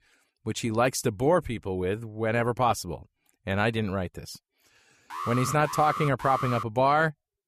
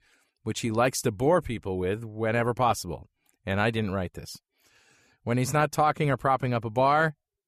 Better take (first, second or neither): second